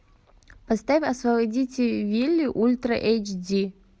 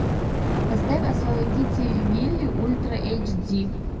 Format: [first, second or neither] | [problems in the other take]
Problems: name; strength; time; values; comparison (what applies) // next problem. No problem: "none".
first | background sound (Fire); 4 dB above the speech // room echo; dies away in 1.2 s